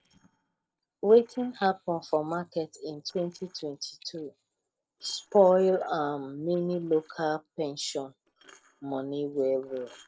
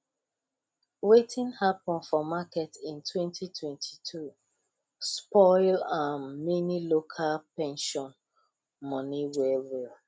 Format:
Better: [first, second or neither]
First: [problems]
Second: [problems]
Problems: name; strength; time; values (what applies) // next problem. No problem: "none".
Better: second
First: noise reduction (neural separator model SepFormer DNS4)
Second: none